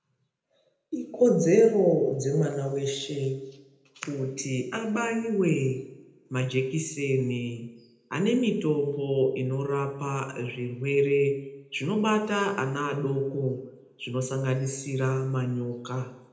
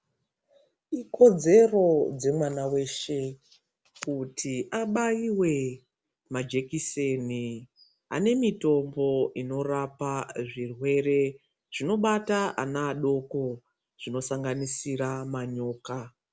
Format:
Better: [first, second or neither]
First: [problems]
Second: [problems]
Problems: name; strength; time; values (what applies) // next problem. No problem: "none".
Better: second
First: room echo; dies away in 0.8 s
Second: none